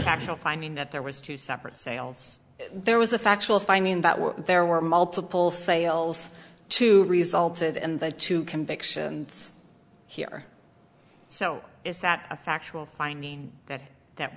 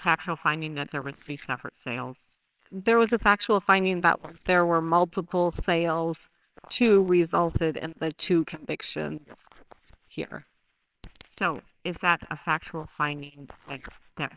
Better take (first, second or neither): first